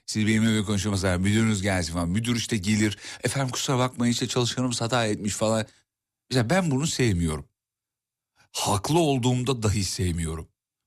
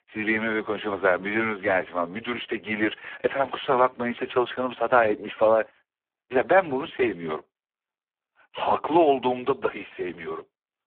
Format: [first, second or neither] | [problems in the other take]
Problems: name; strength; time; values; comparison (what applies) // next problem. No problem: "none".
first | phone-call audio; poor line